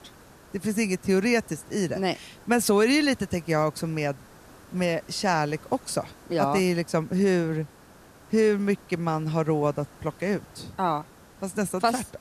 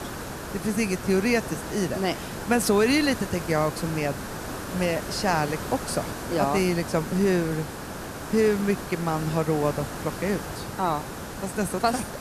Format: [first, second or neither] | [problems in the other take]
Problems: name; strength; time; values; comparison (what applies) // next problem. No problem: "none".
first | hiss; loud; throughout; 8 dB below the speech; faint in the first